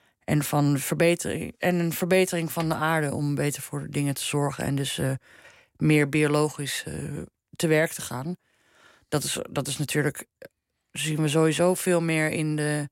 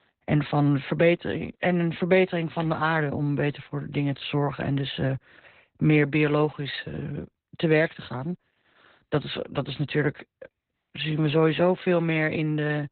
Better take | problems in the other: first | garbled, watery; badly; nothing above 4 kHz

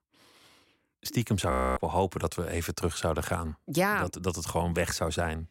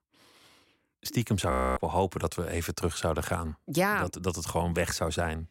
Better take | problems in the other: neither | audio freezing; at 1.5 s; the same in both

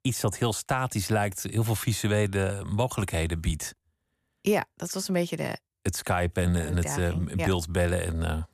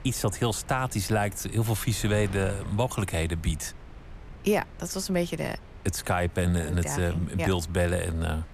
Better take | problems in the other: first | wind noise on the microphone; occasional gusts; 20 dB below the speech

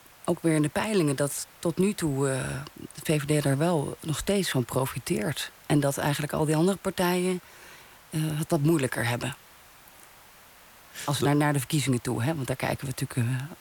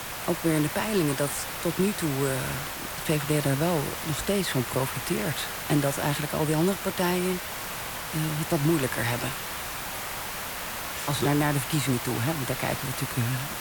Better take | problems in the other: first | hiss; loud; throughout; 4 dB below the speech; faint in the first

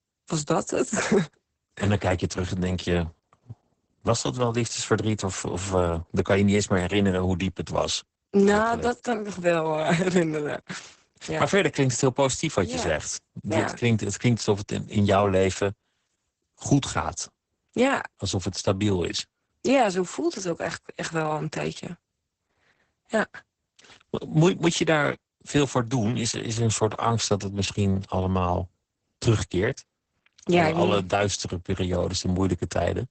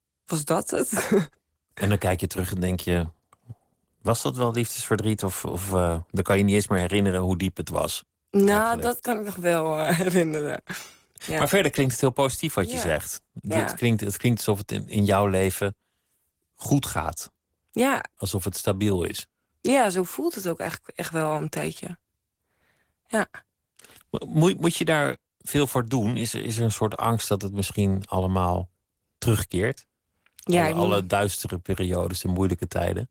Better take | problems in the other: second | garbled, watery; badly; nothing above 8 kHz; slightly in the second

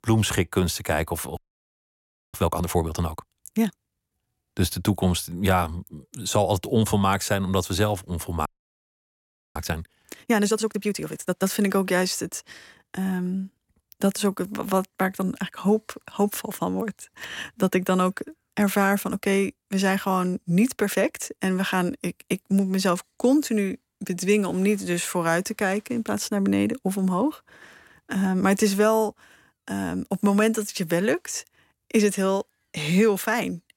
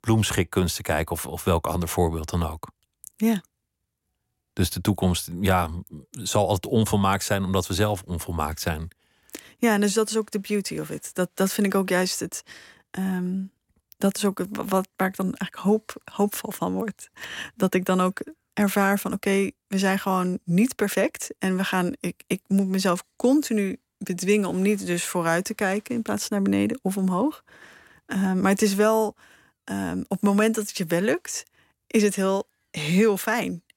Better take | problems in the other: second | audio freezing; at 1.5 s for 1 s and at 8.5 s for 1 s

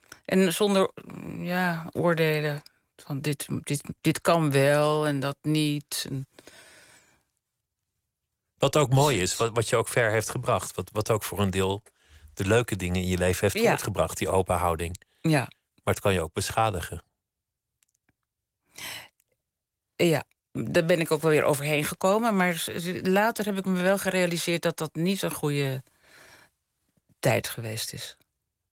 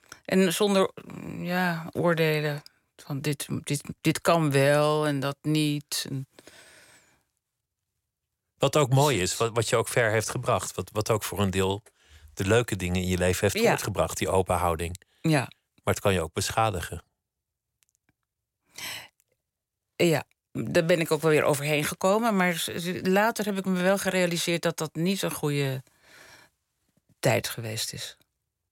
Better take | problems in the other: second | garbled, watery; slightly; nothing above 16.5 kHz

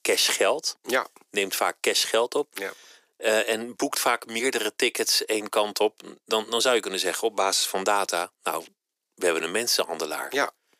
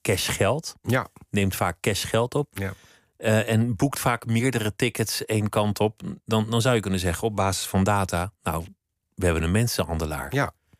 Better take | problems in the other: second | thin; very; fading below 350 Hz

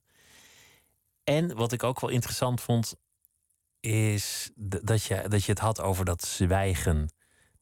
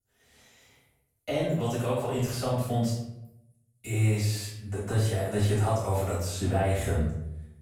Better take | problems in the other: first | off-mic speech; far // room echo; noticeable; dies away in 0.7 s

